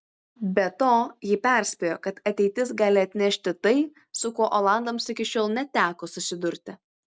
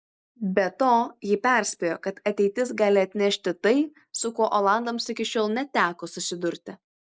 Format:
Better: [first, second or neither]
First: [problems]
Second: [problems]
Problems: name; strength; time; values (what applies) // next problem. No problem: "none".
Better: first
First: none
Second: noise reduction (neural mask model Resemble Enhance denoiser)